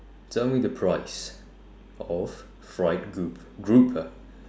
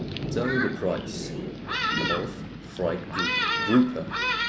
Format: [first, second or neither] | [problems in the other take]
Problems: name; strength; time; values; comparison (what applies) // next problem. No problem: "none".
first | background sound (Thunderstorm); as loud as the speech